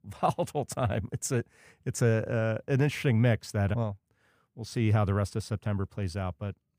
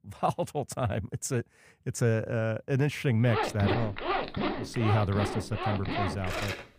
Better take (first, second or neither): first